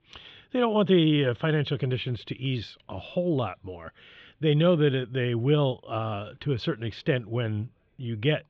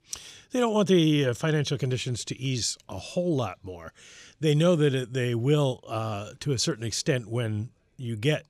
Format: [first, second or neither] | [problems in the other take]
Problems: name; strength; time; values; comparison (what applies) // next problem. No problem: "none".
second | muffled; very; fading above 3.5 kHz